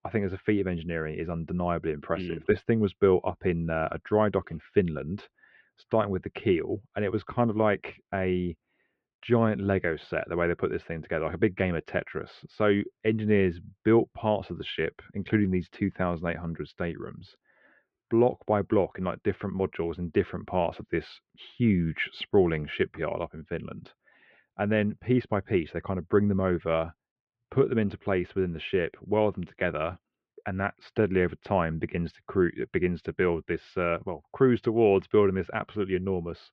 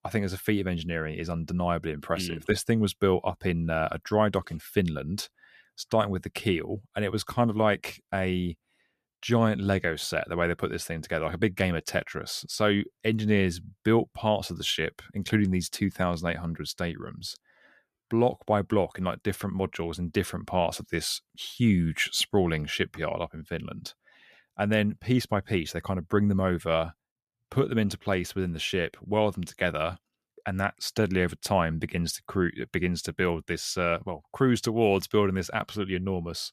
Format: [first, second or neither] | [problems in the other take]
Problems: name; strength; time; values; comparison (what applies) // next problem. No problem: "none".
second | muffled; very; fading above 2.5 kHz